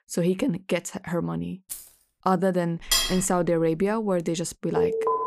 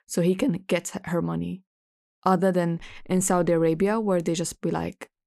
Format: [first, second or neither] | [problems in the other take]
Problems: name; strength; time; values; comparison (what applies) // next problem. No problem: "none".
second | jangling keys; faint; at 1.5 s; peak 10 dB below the speech // clattering dishes; loud; at 3 s; peak 4 dB above the speech // alarm; loud; at 5 s; peak 2 dB above the speech